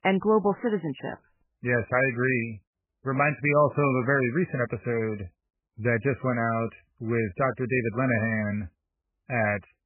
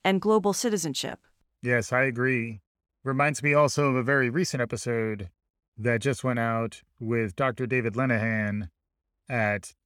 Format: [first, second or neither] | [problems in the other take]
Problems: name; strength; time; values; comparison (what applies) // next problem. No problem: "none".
second | garbled, watery; badly; nothing above 2.5 kHz